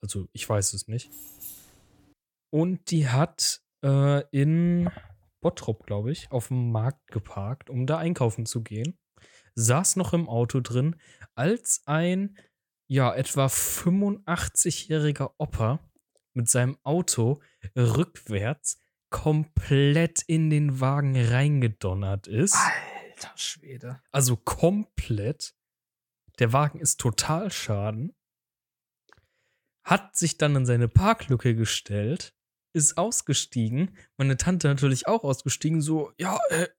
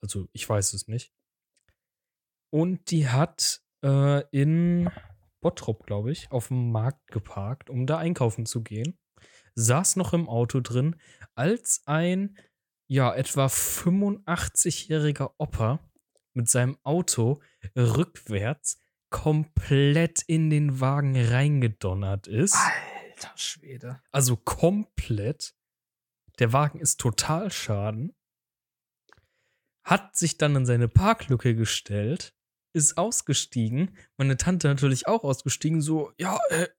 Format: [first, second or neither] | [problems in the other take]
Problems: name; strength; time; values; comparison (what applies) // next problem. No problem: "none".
second | jangling keys; faint; at 1 s; peak 15 dB below the speech